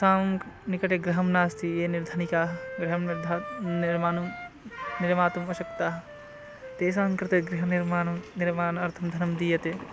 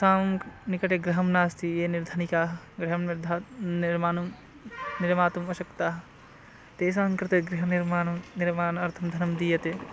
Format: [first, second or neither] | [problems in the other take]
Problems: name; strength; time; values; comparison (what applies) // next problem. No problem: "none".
second | background sound (Wind instrument, woodwind instrument); 14 dB below the speech